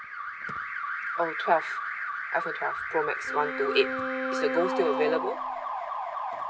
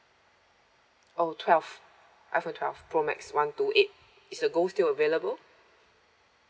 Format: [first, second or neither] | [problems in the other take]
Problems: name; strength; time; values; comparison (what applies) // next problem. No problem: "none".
second | background sound (Alarm + Bowed string instrument); 1 dB below the speech